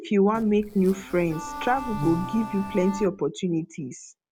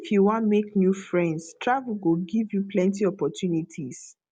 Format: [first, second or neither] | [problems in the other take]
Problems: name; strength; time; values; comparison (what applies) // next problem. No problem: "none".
second | background sound (Bowed string instrument + Insect); 10 dB below the speech